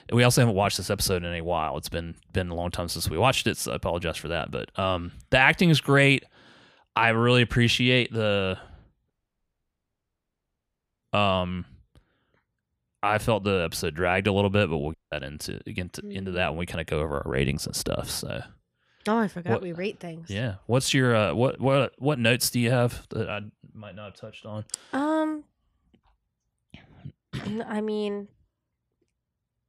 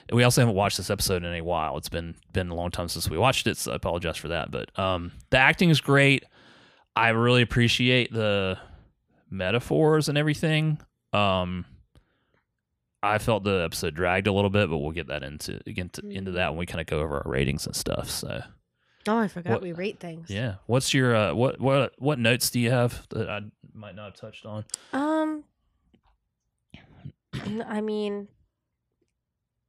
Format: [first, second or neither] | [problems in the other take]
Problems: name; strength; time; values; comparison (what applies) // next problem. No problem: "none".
second | audio cutting out; at 9 s for 2 s and at 15 s